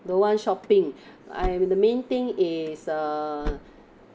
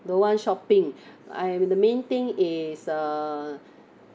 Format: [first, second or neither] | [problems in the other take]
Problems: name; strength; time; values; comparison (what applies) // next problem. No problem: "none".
second | background sound (Slam / Car); 13 dB below the speech